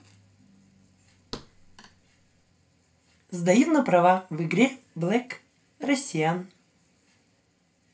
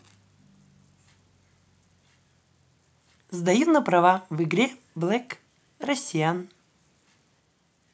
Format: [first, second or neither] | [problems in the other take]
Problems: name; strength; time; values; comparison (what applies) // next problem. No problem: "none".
second | background sound (Thump, thud); 19 dB below the speech // room echo; dies away in 0.2 s